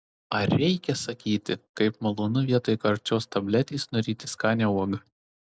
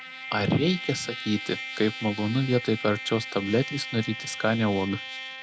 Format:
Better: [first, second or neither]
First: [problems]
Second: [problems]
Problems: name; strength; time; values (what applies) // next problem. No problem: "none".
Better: first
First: none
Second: background sound (Trumpet); 10 dB below the speech